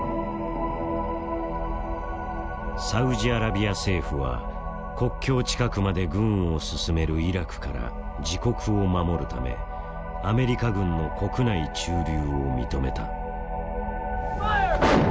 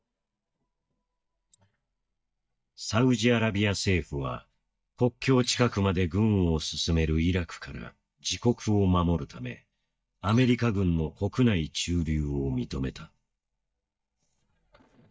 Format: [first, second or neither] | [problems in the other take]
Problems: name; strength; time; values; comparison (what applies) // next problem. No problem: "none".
first | noise reduction (neural mask model DeepFilterNet 3)